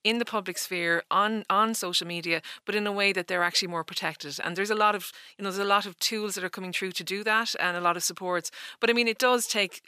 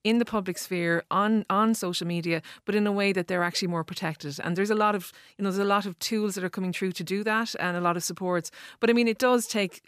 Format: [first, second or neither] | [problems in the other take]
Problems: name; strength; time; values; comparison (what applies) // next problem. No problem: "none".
second | thin; somewhat; fading below 700 Hz